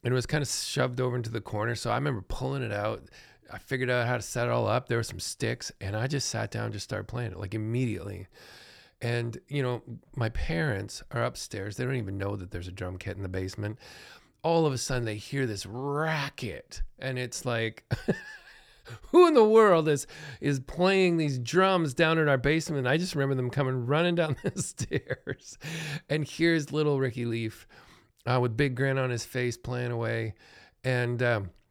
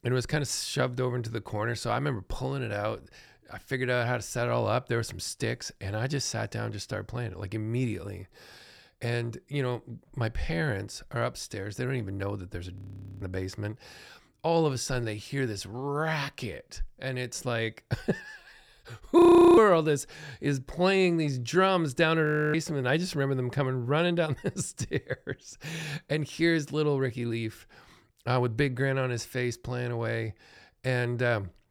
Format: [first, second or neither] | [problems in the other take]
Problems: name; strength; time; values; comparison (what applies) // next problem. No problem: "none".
first | audio freezing; at 13 s, at 19 s and at 22 s